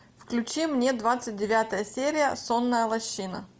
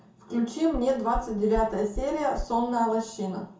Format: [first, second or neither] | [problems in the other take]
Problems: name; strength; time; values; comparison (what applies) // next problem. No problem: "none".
first | background sound (Knock); 11 dB below the speech // room echo; dies away in 0.5 s